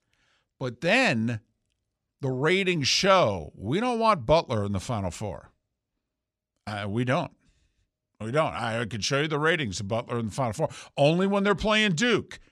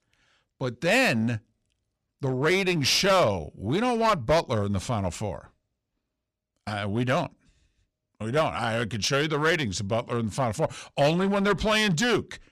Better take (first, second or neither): first